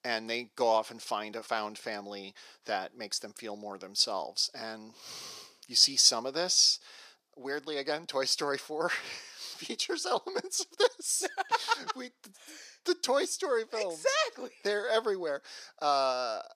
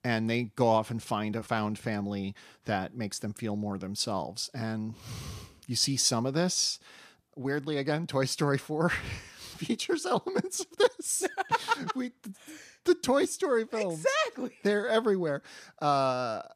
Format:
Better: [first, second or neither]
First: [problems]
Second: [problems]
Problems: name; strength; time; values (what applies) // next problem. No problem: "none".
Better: second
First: thin; somewhat; fading below 500 Hz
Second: none